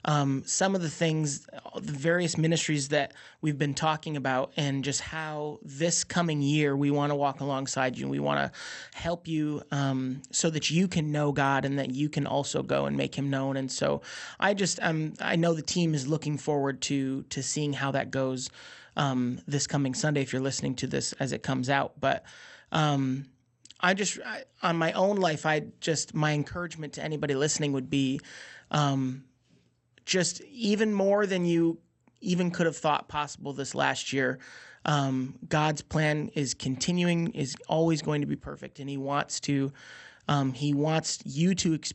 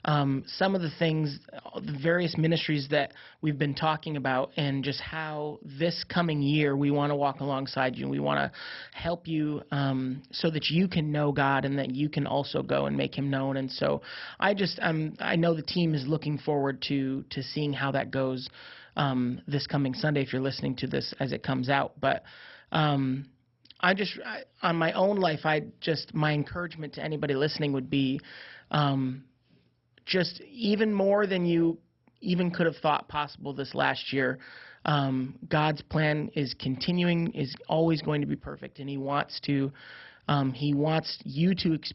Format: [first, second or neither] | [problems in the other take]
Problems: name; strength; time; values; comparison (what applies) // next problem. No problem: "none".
first | garbled, watery; badly; nothing above 5.5 kHz; slightly in the first